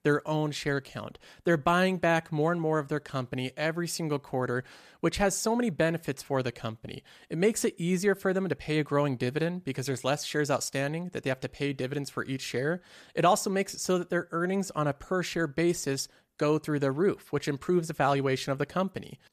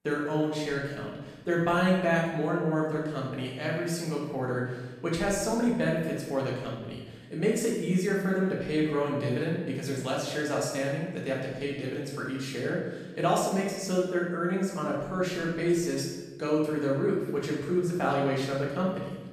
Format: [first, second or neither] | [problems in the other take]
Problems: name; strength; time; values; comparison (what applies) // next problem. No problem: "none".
first | room echo; noticeable; dies away in 1 s // off-mic speech; far